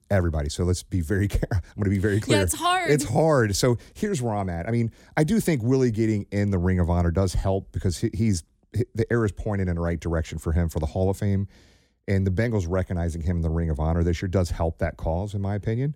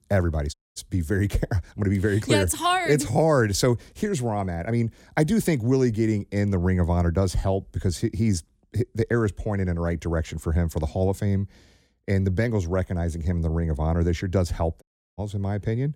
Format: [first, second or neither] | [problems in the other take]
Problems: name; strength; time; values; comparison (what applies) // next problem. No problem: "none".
first | audio cutting out; at 0.5 s and at 15 s